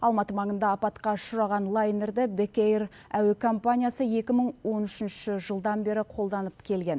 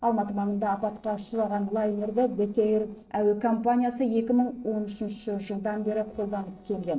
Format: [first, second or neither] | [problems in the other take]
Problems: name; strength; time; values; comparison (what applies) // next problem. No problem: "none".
first | noise reduction (neural separator model SepFormer DNS4)